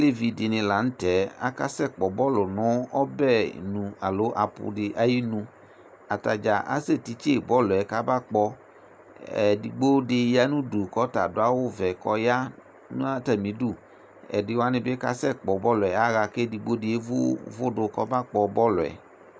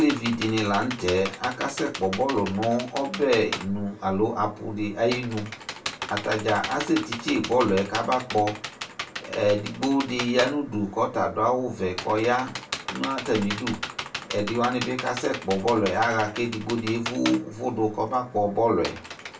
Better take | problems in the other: first | background sound (Computer keyboard); 11 dB below the speech // room echo; dies away in 0.2 s

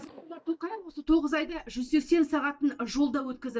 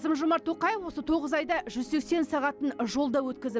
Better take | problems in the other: second | noise reduction (neural mask model DeepFilterNet 3)

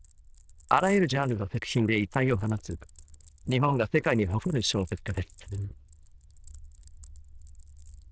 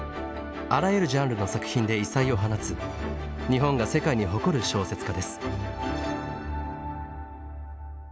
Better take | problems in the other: second | noise reduction (neural diffusion model UNIVERSE++)

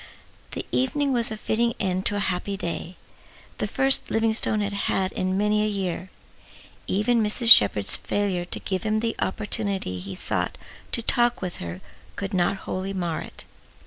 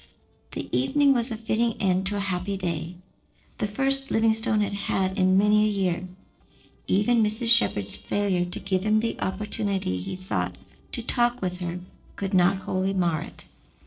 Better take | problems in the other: first | noise reduction (neural separator model SepFormer DNS4)

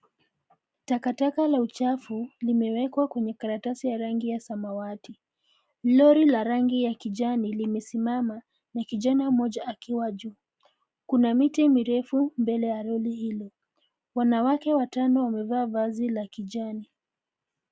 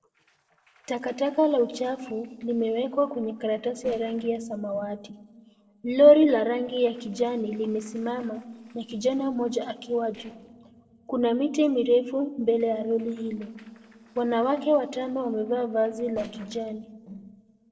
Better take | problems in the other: first | noise reduction (neural separator model SepFormer DNS4)

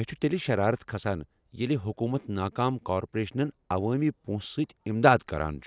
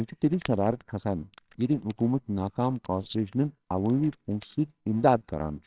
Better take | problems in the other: first | noise reduction (neural separator model SepFormer WHAMR!)

